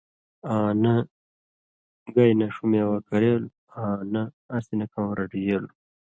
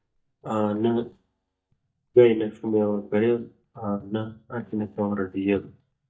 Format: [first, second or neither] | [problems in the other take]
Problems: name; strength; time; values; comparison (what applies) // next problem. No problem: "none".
first | noise reduction (neural mask model DeepFilterNet 3)